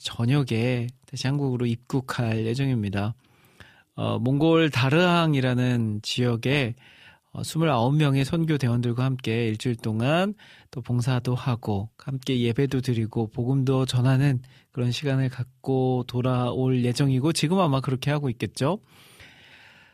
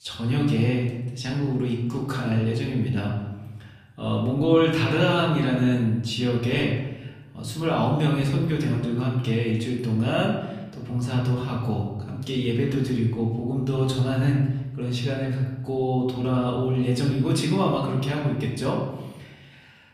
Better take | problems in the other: first | room echo; noticeable; dies away in 1 s // off-mic speech; far

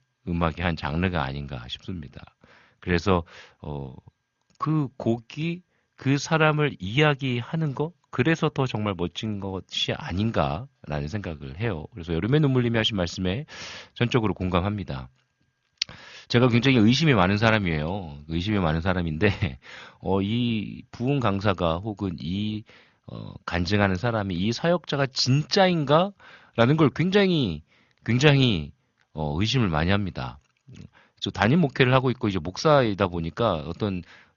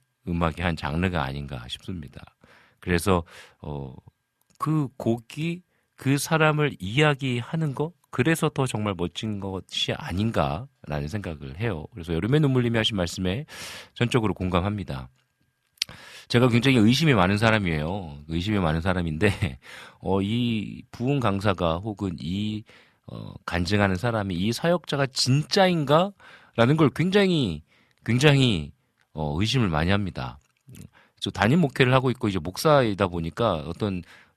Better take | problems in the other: second | garbled, watery; slightly; nothing above 6.5 kHz

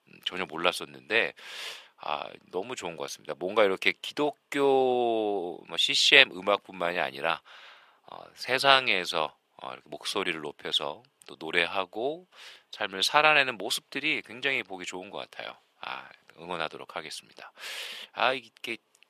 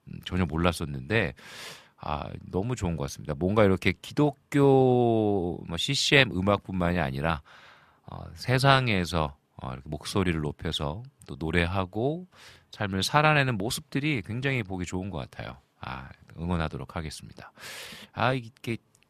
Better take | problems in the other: second | thin; somewhat; fading below 500 Hz

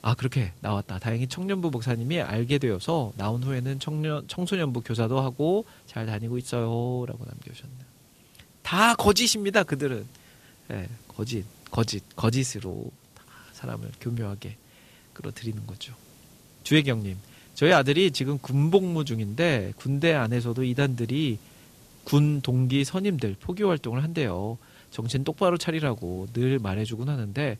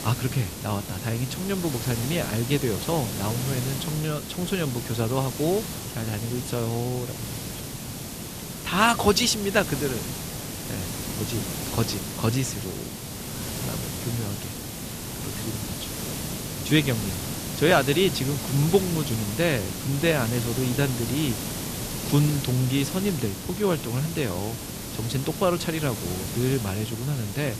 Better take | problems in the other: first | hiss; loud; throughout; 5 dB below the speech; faint in the first

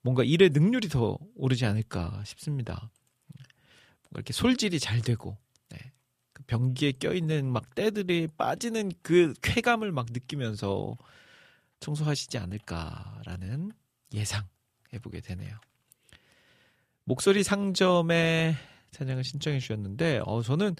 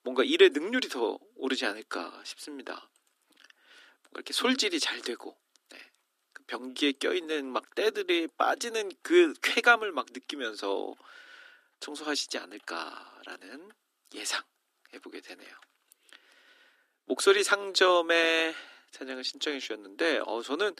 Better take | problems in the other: first | thin; somewhat; fading below 250 Hz

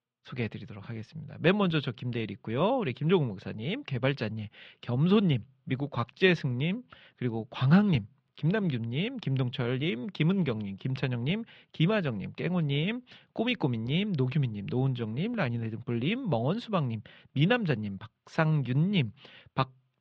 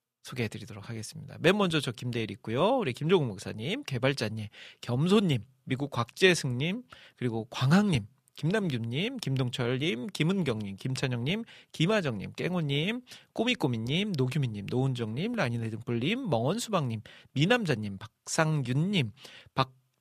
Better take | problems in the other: second | muffled; slightly; fading above 3.5 kHz

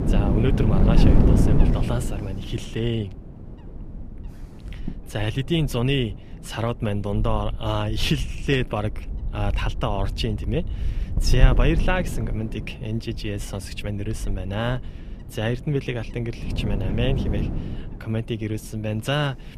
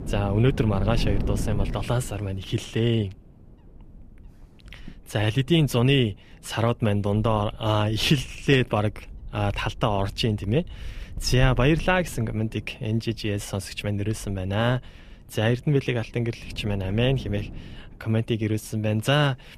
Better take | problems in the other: second | wind noise on the microphone; heavy; 5 dB below the speech; occasional gusts in the second

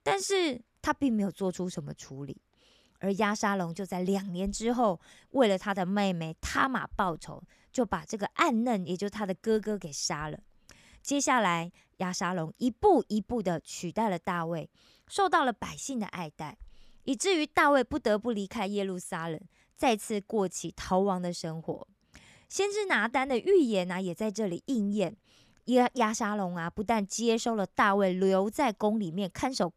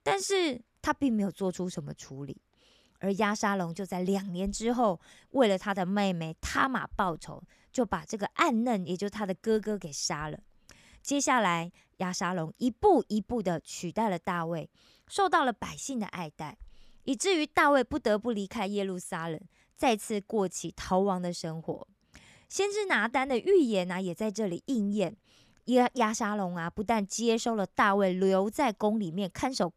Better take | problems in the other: neither | none

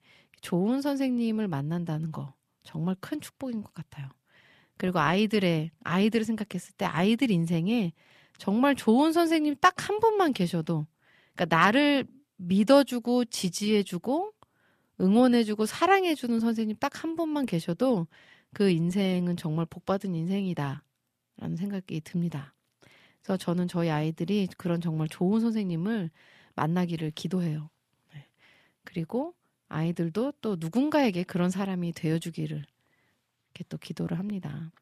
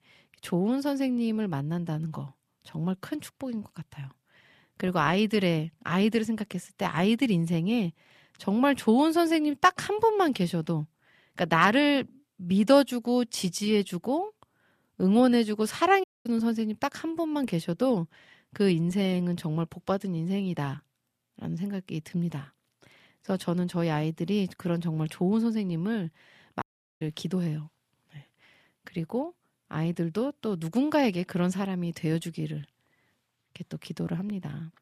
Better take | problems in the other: first | audio cutting out; at 16 s and at 27 s

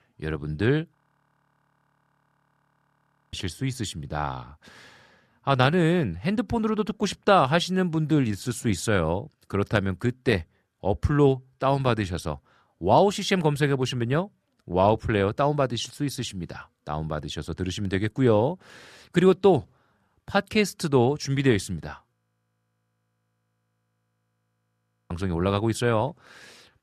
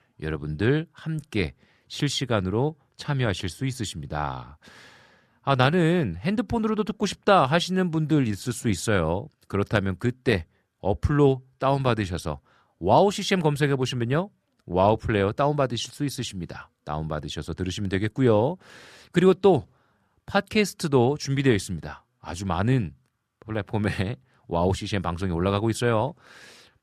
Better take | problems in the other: second | audio freezing; at 1 s for 2.5 s and at 22 s for 3 s

